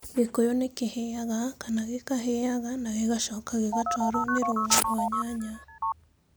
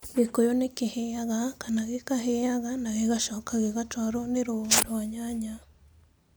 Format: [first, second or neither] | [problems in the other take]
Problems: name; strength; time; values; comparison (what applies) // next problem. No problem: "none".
second | background sound (Telephone); 1 dB below the speech